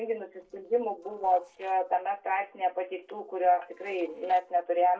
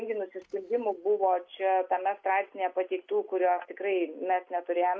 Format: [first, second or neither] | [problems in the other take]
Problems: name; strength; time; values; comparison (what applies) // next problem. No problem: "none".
second | noise reduction (neural separator model SepFormer DNS4)